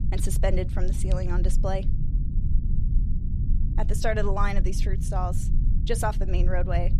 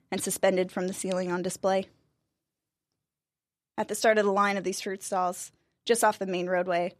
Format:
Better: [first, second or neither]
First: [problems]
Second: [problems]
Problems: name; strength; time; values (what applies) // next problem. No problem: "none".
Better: second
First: low rumble; noticeable; throughout; 10 dB below the speech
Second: none